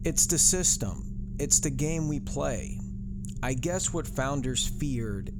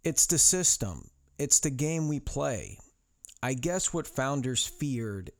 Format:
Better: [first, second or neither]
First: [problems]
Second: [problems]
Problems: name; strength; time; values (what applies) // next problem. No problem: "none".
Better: second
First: low rumble; faint; throughout; 20 dB below the speech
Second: none